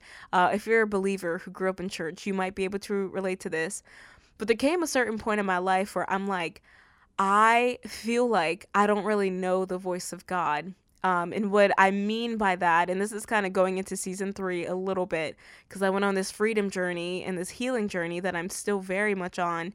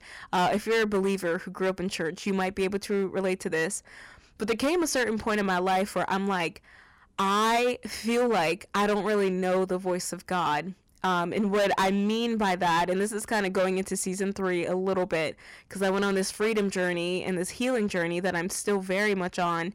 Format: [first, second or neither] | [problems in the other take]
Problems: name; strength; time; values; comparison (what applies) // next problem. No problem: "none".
first | distortion; heavy; 12% of the sound clipped